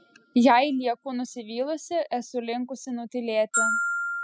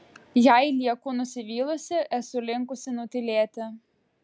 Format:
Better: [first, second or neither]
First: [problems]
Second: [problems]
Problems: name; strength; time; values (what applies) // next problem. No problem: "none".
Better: second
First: noise reduction (classical method spectral subtraction)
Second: none